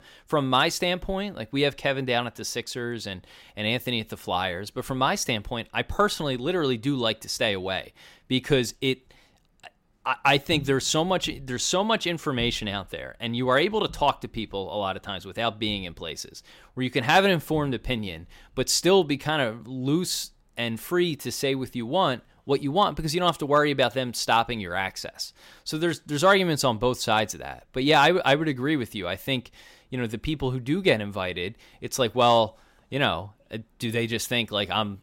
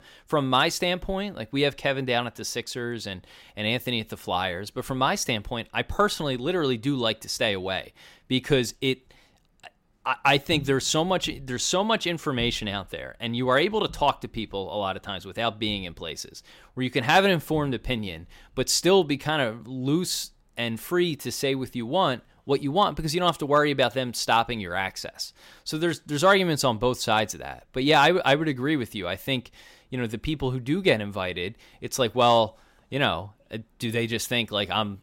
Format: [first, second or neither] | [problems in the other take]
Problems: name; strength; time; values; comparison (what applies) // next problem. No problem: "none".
neither | none